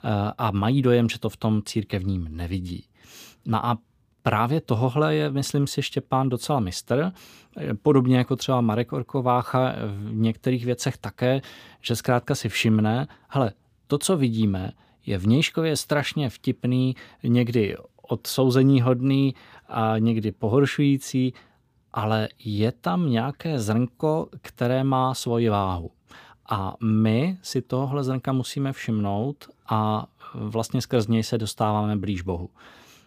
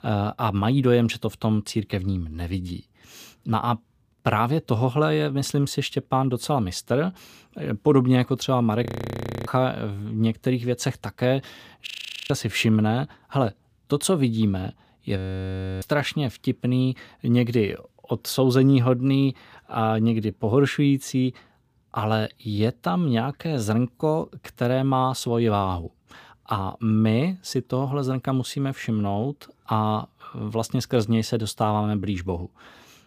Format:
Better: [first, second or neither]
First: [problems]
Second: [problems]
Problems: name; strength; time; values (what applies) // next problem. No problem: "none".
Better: first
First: none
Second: audio freezing; at 9 s for 0.5 s, at 12 s and at 15 s for 0.5 s